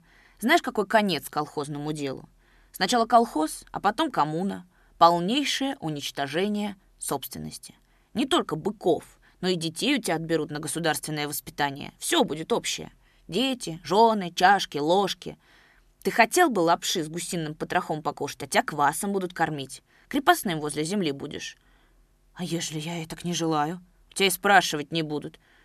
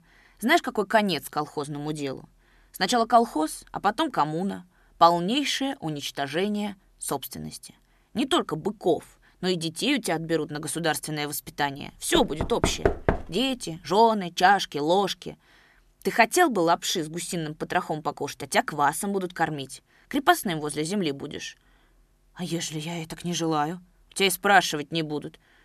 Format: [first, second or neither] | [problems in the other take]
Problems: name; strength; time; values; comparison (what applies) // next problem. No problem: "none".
first | door banging; loud; from 12 to 13 s; peak level with the speech